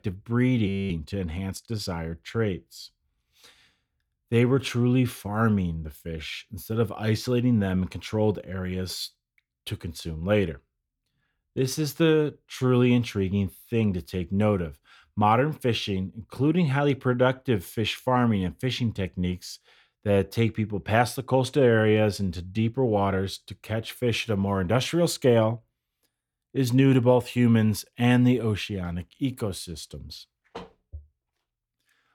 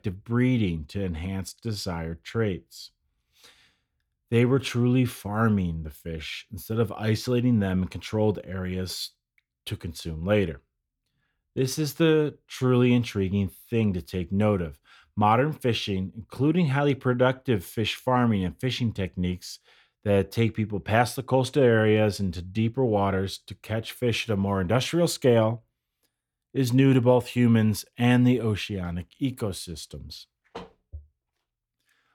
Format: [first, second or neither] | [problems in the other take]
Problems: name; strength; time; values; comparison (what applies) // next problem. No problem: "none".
second | audio freezing; at 0.5 s